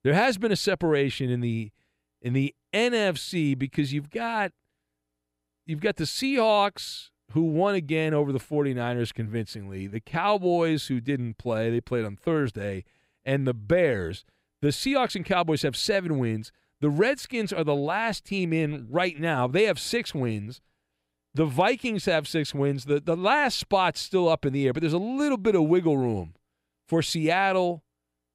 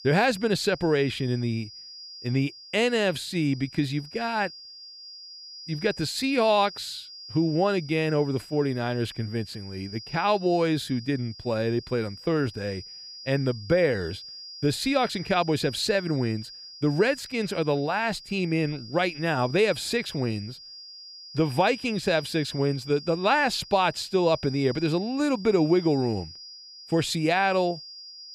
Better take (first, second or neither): first